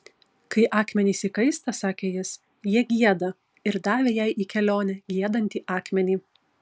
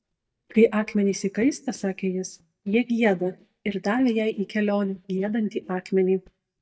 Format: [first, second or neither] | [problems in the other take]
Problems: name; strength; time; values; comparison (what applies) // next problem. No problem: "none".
first | noise reduction (neural mask model DeepFilterNet 3)